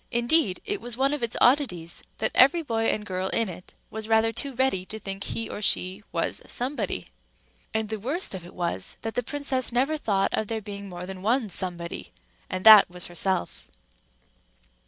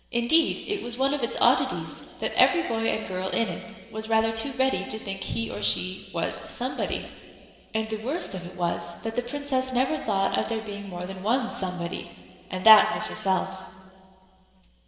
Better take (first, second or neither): first